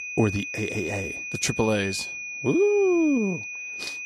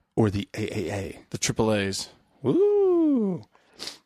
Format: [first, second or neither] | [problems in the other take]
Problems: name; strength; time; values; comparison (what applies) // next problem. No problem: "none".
second | high-pitched whine; loud; throughout; 2.5 kHz, 7 dB below the speech